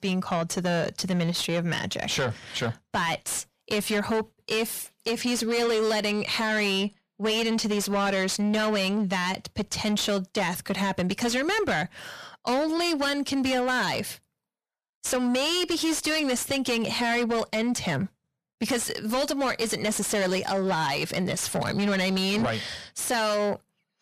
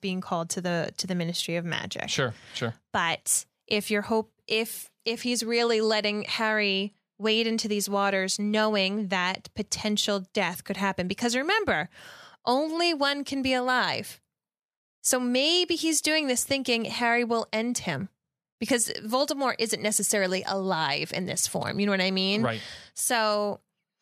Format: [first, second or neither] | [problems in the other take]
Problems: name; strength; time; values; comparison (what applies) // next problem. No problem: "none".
second | distortion; heavy; 6 dB below the speech